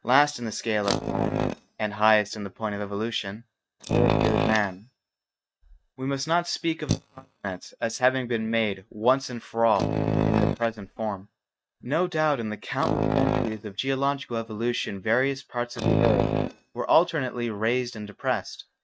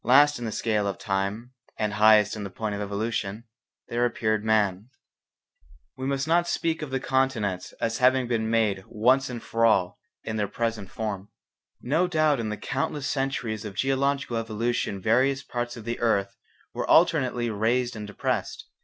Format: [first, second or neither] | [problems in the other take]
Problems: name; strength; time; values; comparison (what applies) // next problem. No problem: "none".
second | noise reduction (neural mask model RNNoise)